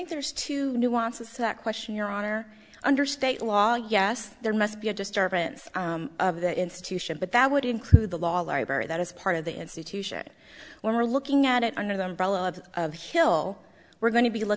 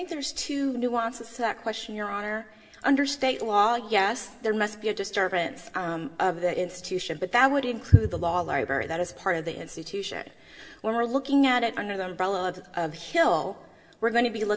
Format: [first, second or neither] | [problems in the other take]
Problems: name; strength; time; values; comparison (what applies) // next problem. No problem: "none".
first | room echo; dies away in 0.7 s